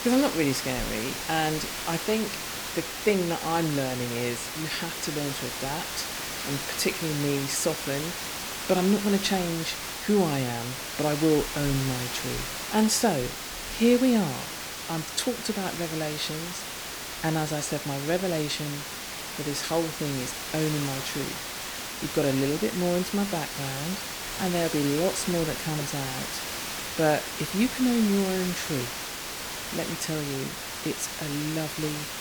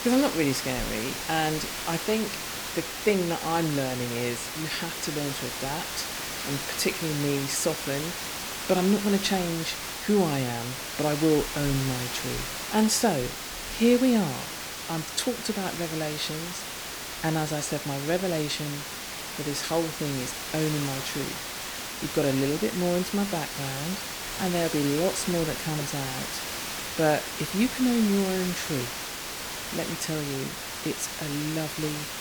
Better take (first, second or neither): neither